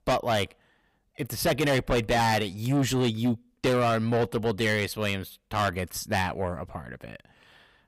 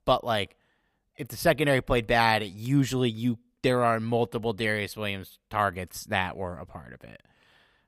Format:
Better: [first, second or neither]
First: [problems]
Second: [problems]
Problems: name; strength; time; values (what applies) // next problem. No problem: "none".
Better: second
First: distortion; heavy; 7 dB below the speech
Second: none